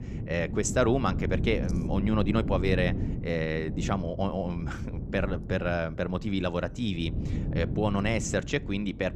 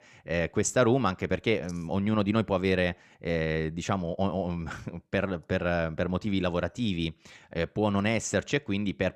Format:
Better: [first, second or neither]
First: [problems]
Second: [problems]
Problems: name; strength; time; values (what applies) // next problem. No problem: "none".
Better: second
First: wind noise on the microphone; occasional gusts; 10 dB below the speech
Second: none